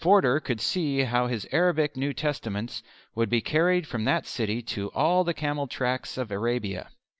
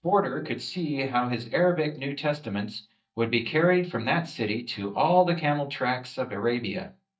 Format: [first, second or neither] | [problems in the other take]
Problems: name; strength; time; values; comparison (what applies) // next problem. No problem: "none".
first | noise reduction (neural mask model DeepFilterNet 3)